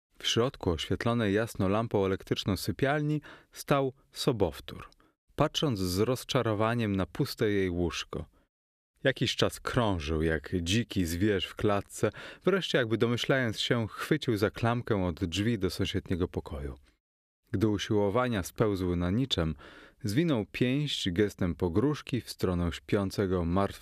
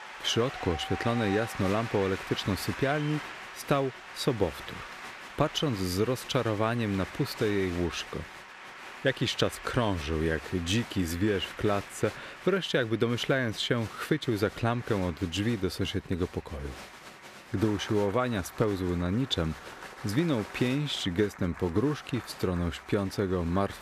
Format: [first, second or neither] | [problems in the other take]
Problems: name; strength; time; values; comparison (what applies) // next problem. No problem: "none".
first | crowd noise; noticeable; throughout; 15 dB below the speech